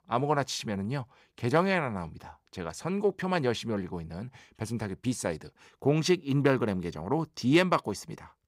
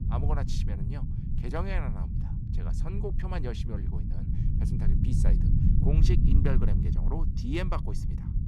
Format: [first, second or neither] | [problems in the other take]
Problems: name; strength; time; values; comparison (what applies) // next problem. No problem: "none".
first | low rumble; loud; throughout; 3 dB below the speech